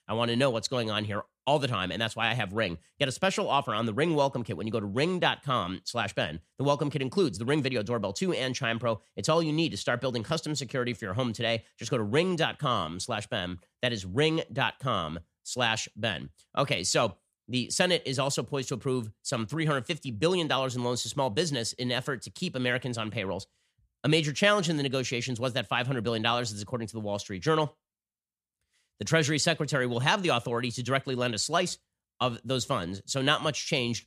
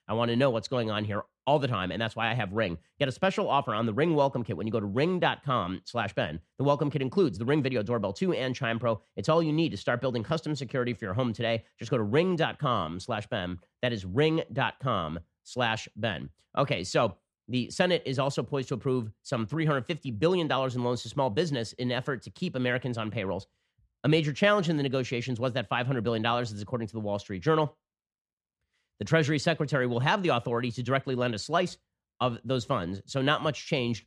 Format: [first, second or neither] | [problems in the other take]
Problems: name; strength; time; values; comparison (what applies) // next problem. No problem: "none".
first | muffled; slightly; fading above 2 kHz